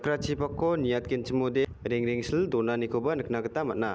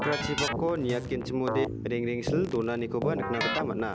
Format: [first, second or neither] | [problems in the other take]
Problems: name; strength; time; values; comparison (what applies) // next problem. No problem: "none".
first | background sound (Keyboard (musical)); 3 dB below the speech